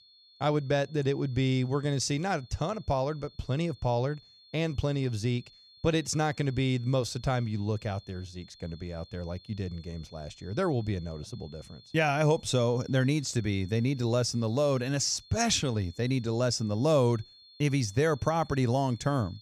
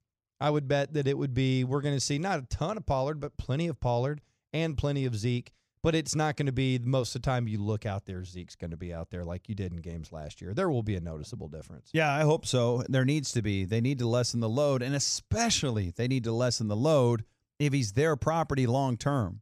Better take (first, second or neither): second